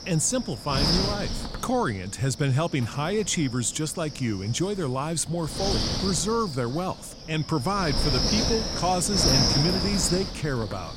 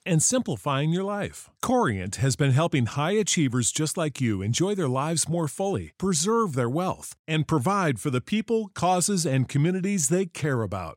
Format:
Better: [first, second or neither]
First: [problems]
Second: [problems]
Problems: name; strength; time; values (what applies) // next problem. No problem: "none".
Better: second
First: wind noise on the microphone; heavy; 2 dB above the speech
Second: none